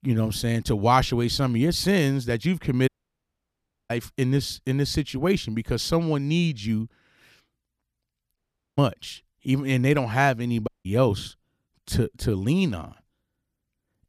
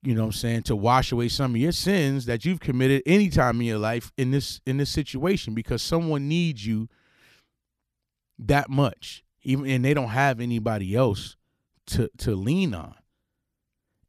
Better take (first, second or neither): second